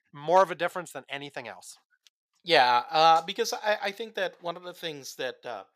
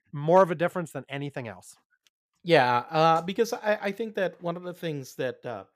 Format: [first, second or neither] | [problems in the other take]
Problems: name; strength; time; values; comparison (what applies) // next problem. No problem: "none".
second | thin; somewhat; fading below 800 Hz